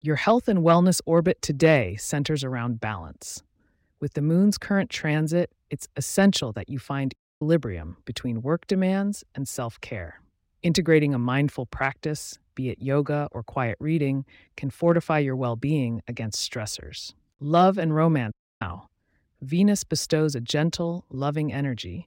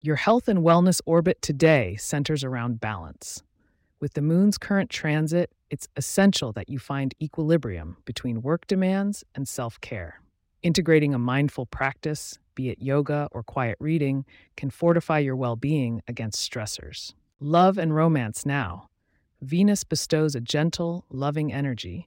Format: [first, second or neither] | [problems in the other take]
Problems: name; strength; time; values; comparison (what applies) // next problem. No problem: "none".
second | audio cutting out; at 7 s and at 18 s